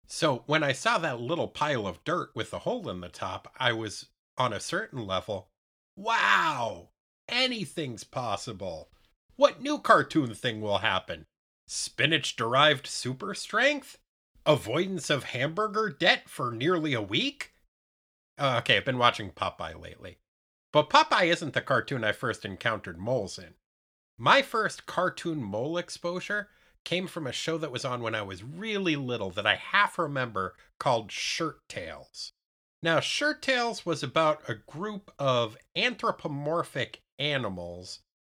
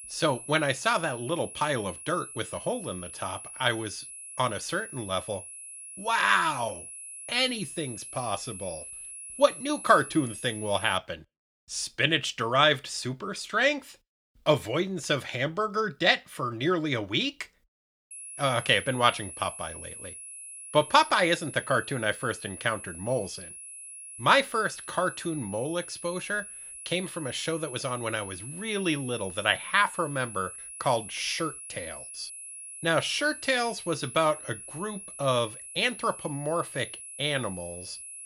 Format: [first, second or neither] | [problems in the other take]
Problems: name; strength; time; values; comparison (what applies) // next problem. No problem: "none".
first | high-pitched whine; noticeable; until 11 s and from 18 s on; 10.5 kHz, 10 dB below the speech